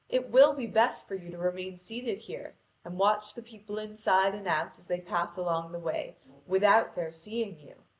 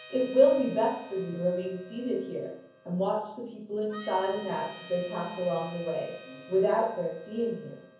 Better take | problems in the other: first | background sound (Harmonica); 20 dB below the speech // room echo; dies away in 0.7 s

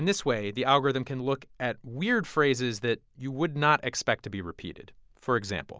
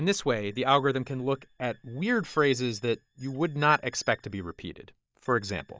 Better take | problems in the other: first | noise reduction (neural mask model DeepFilterNet 3)

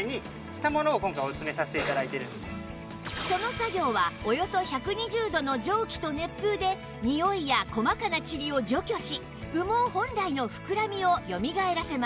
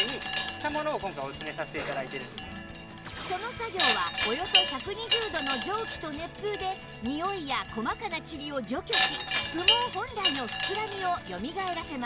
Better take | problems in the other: first | background sound (Wind chime); as loud as the speech

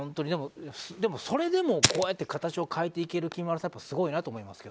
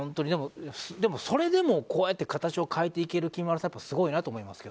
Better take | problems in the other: second | background sound (Fire); 2 dB below the speech

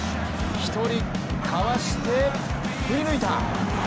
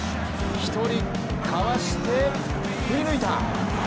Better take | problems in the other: first | background sound (Piano); 10 dB below the speech

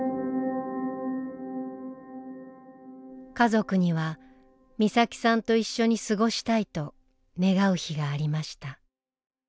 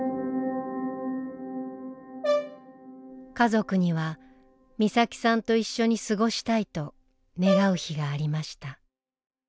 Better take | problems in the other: first | background sound (Brass instrument); 4 dB below the speech

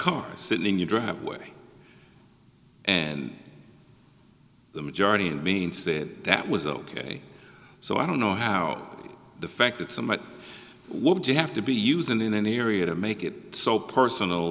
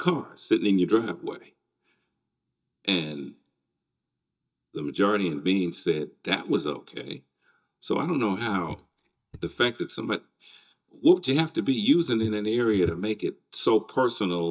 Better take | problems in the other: first | noise reduction (neural mask model DeepFilterNet 3)

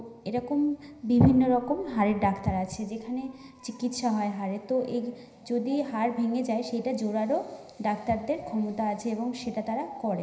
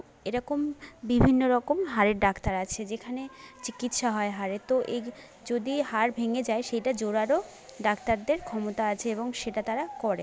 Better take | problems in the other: second | room echo; dies away in 0.9 s

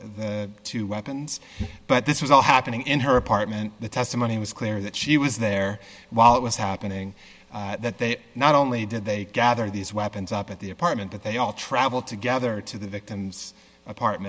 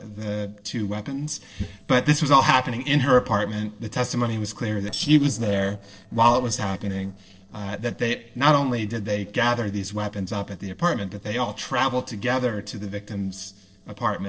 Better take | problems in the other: first | noise reduction (neural separator model SepFormer DNS4)

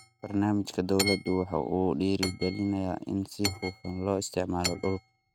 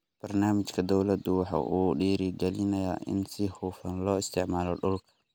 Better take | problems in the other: second | noise reduction (neural mask model RNNoise)

